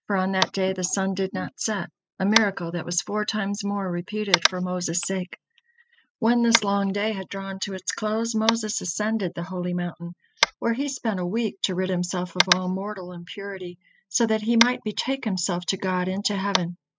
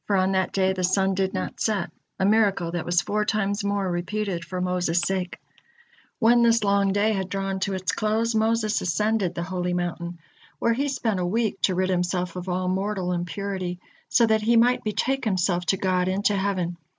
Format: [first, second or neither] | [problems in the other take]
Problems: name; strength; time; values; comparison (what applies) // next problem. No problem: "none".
second | noise reduction (classical method spectral subtraction)